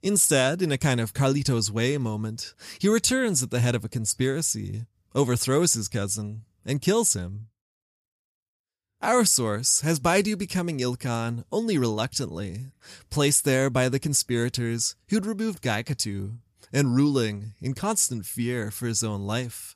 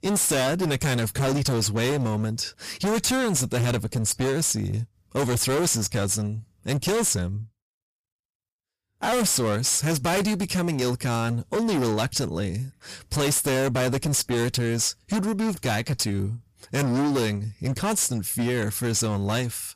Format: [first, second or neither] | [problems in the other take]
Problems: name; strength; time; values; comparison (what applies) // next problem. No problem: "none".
first | distortion; heavy; 25% of the sound clipped